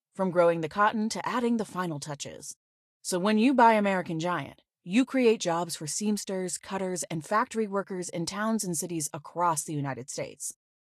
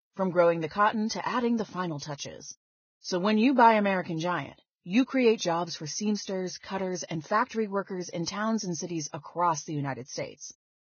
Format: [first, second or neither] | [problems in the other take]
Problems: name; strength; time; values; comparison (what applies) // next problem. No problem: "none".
first | garbled, watery; badly; nothing above 6.5 kHz; slightly in the first